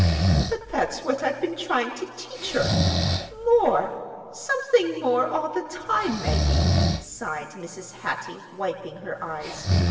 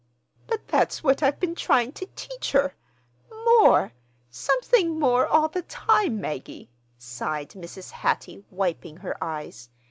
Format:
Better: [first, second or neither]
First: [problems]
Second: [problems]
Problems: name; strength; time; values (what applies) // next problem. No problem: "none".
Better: second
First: background sound (Breathing); as loud as the speech // room echo; dies away in 1.9 s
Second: none